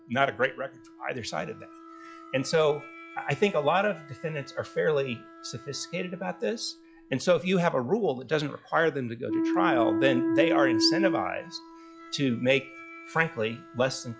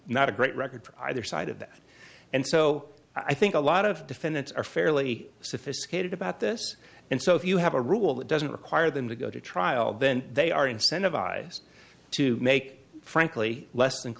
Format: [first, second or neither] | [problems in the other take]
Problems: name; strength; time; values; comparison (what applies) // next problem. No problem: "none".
second | noise reduction (classical method log-MMSE)